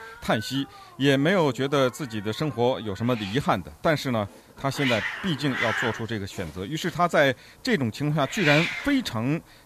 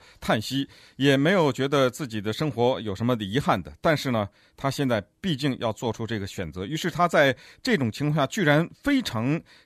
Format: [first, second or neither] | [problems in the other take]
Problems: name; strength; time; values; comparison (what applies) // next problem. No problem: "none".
second | hiss; loud; throughout; 4 dB below the speech